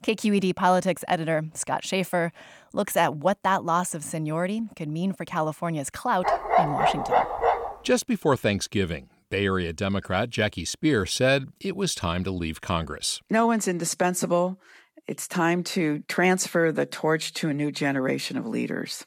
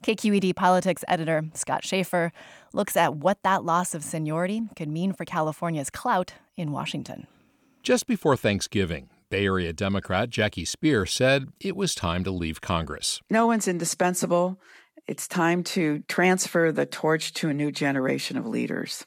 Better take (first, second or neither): second